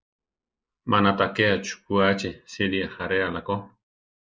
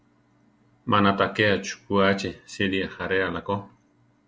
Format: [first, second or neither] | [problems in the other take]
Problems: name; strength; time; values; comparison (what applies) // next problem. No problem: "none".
second | noise reduction (neural mask model Resemble Enhance denoiser)